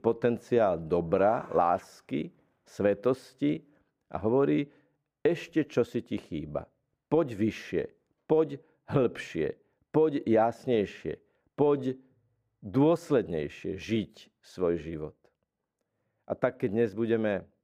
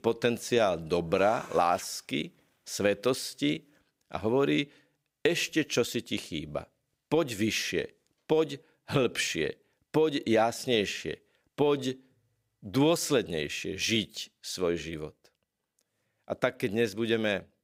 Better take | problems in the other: second | muffled; very; fading above 2 kHz

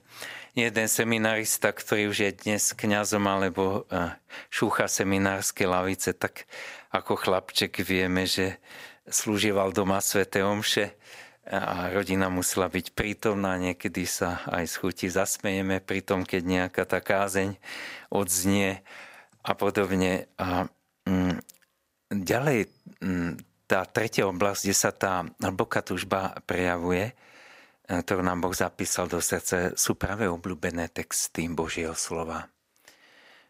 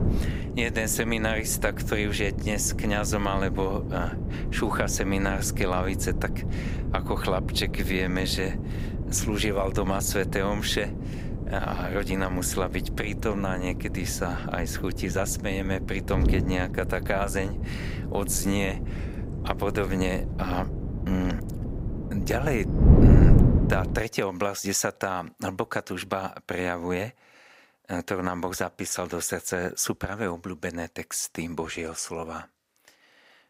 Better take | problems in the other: first | wind noise on the microphone; heavy; until 24 s; 8 dB below the speech

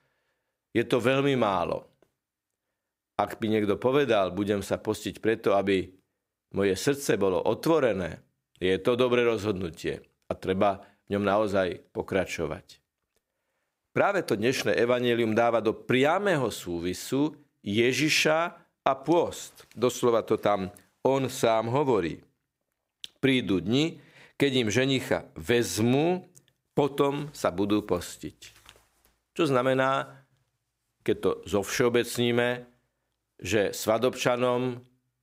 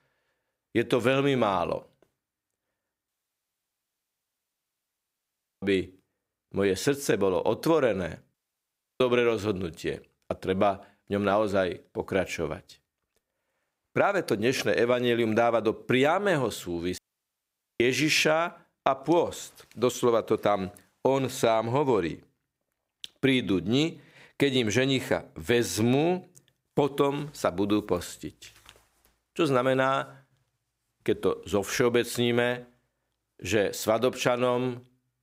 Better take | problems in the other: first | audio cutting out; at 3 s for 2.5 s, at 8.5 s for 0.5 s and at 17 s for 1 s

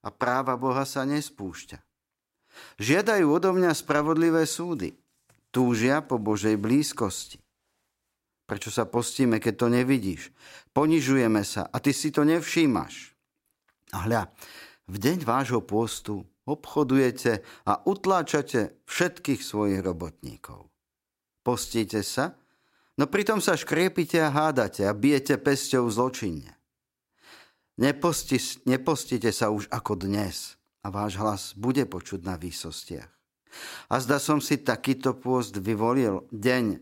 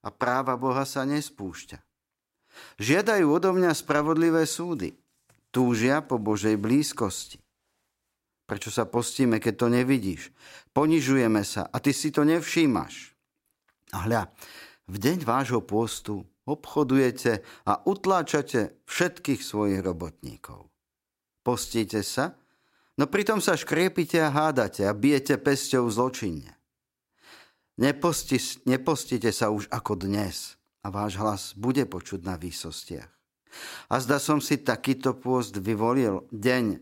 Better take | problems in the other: neither | none

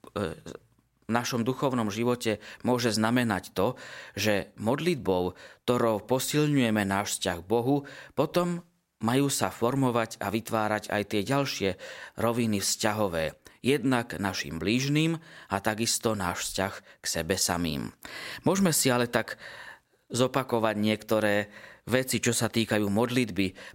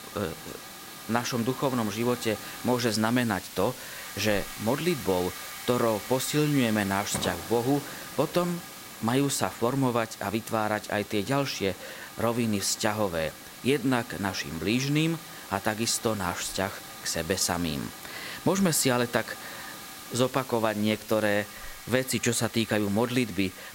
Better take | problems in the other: first | hiss; noticeable; throughout; 10 dB below the speech

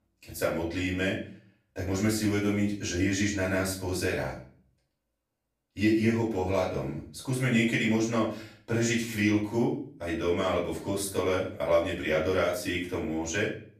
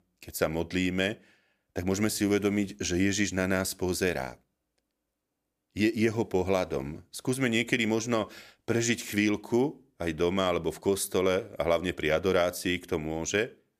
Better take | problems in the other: second | off-mic speech; far // room echo; slight; dies away in 0.4 s

